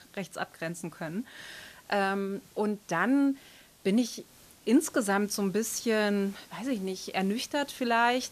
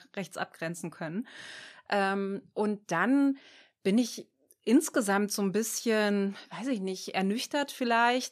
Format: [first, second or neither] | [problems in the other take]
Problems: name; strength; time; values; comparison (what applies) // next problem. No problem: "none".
second | hiss; faint; throughout; 25 dB below the speech